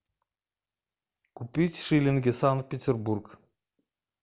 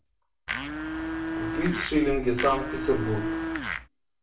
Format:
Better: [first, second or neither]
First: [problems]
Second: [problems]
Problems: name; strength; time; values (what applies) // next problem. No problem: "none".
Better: first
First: none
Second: background sound (Domestic sounds, home sounds); 2 dB below the speech // room echo; dies away in 0.4 s